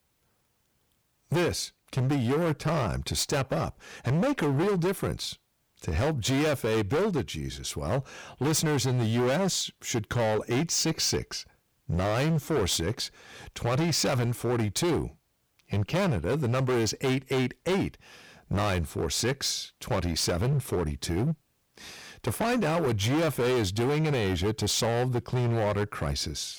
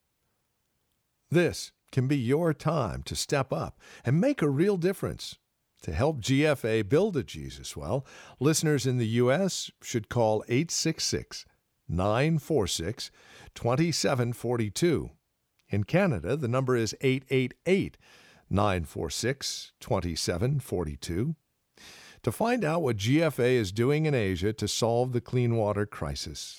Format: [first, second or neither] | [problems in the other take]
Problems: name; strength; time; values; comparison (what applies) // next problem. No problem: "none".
second | distortion; heavy; 20% of the sound clipped